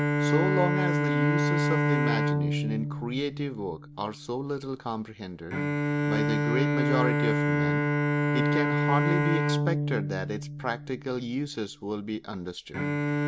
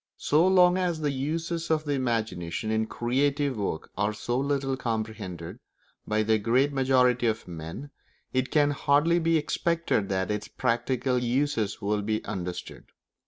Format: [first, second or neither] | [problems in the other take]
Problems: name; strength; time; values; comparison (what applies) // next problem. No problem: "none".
second | background sound (Bowed string instrument); 5 dB above the speech